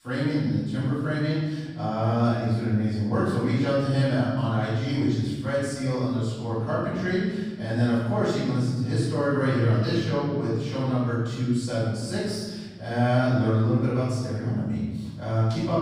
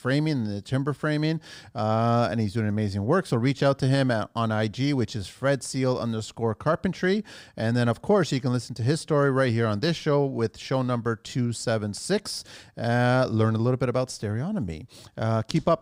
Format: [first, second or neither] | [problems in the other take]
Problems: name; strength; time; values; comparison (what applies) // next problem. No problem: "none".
second | off-mic speech; far // room echo; strong; dies away in 1.5 s